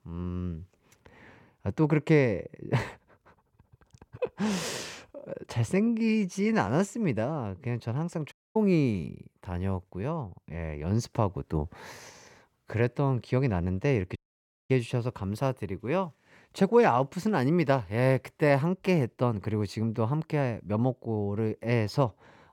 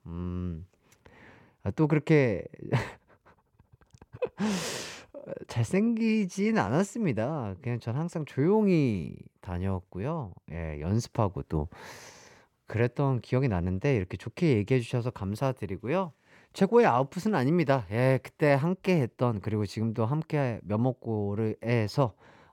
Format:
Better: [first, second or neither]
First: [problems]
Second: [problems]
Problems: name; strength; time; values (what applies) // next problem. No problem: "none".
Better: second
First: audio cutting out; at 8.5 s and at 14 s for 0.5 s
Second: none